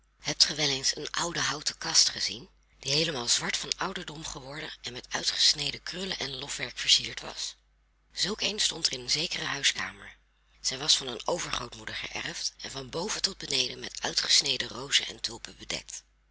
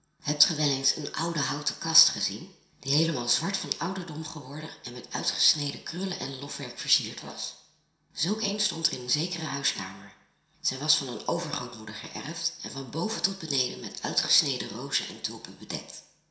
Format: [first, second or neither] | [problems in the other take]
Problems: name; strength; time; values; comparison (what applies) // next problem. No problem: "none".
first | room echo; dies away in 0.7 s